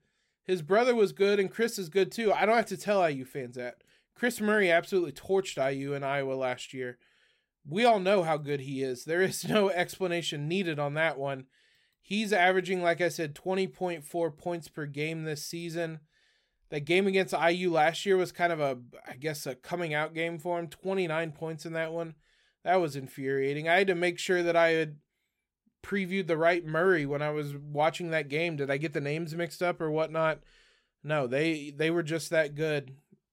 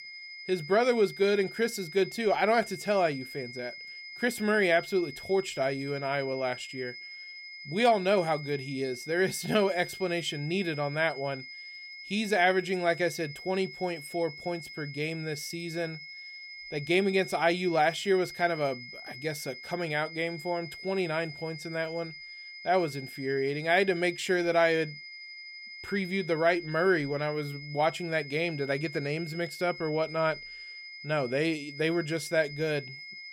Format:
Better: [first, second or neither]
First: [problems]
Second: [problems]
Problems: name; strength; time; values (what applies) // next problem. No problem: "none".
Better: first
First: none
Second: high-pitched whine; noticeable; throughout; 2 kHz, 10 dB below the speech